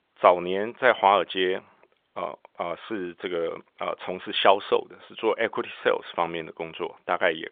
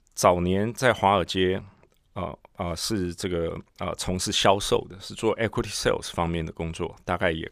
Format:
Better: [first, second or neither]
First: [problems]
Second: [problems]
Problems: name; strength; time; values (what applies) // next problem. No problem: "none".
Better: second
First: phone-call audio; nothing above 3.5 kHz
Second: none